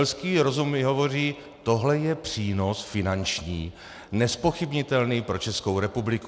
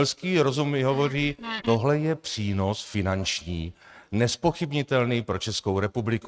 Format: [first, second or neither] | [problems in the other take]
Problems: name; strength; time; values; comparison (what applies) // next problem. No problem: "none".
first | noise reduction (neural mask model RNNoise)